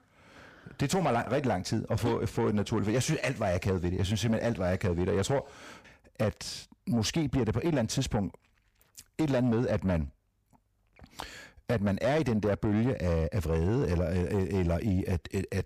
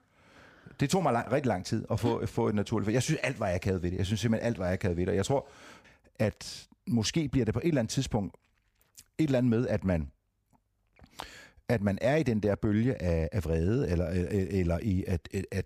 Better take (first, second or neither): second